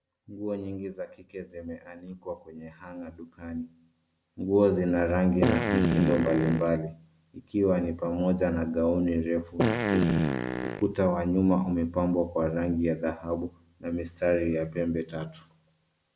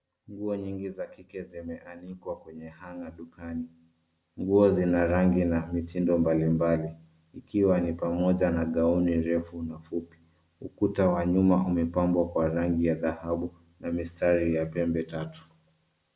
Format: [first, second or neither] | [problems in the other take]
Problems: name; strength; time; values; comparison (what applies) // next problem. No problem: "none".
second | background sound (Fart); 1 dB above the speech